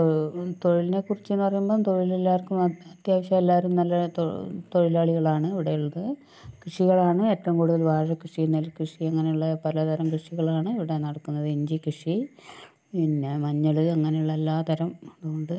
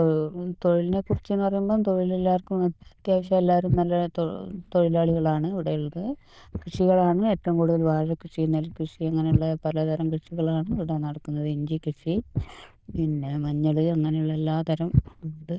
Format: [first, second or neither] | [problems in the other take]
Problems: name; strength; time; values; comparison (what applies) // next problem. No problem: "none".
first | noise reduction (neural diffusion model UNIVERSE++)